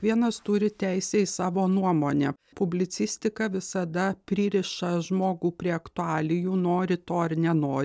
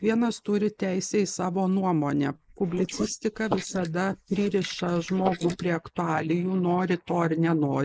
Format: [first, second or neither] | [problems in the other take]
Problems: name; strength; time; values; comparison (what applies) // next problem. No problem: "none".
first | noise reduction (neural mask model Resemble Enhance denoiser)